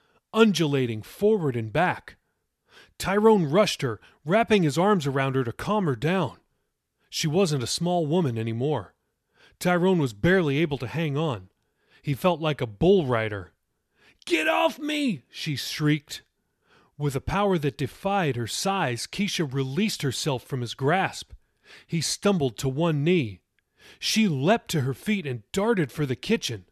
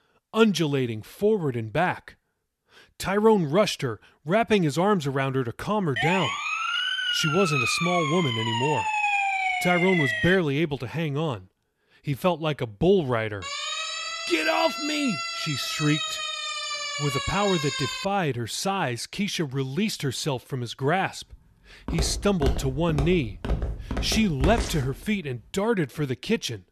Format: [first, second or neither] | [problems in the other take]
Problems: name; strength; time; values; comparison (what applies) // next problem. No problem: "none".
first | siren; loud; from 6 to 10 s; peak 3 dB above the speech // siren; noticeable; from 13 to 18 s; peak 2 dB below the speech // footsteps; noticeable; from 22 to 25 s; peak 3 dB below the speech